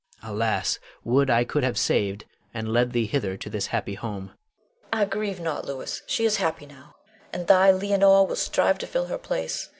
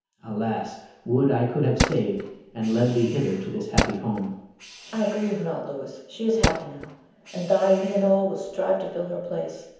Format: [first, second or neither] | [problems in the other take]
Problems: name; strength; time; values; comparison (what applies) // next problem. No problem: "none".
first | background sound (Tools); 5 dB below the speech // room echo; dies away in 1 s